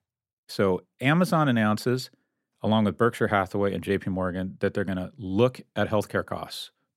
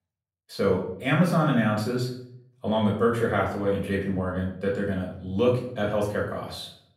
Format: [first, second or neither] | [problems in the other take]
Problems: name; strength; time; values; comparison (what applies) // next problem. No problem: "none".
first | off-mic speech; far // room echo; noticeable; dies away in 0.6 s